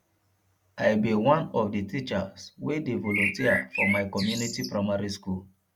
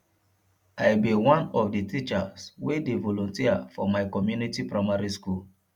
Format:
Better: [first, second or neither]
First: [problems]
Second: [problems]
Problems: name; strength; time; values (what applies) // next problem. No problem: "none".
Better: second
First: background sound (Bird); 2 dB below the speech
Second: none